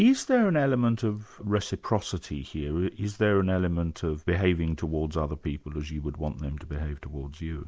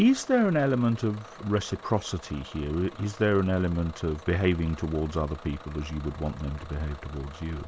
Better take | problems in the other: first | background sound (Bus / Engine); 19 dB below the speech

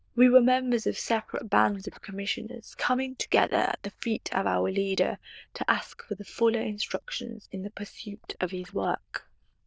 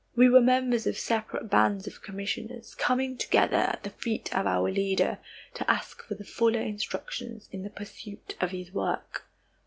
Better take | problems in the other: second | noise reduction (neural diffusion model UNIVERSE++)

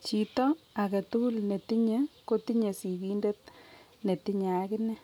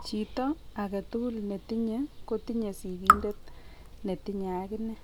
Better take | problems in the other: first | background sound (Raindrop / Drip); as loud as the speech

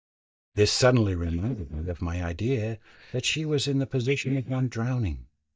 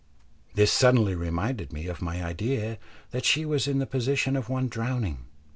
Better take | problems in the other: second | noise reduction (neural mask model DeepFilterNet 3)

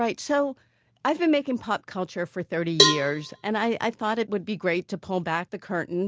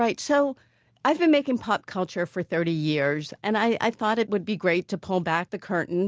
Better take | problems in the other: second | background sound (Cowbell); as loud as the speech

